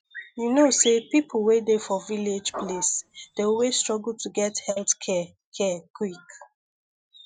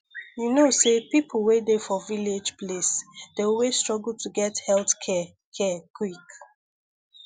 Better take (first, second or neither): second